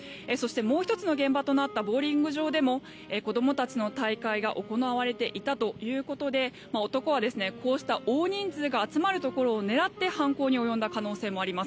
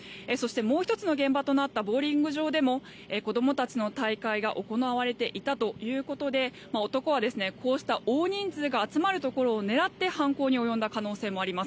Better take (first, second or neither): second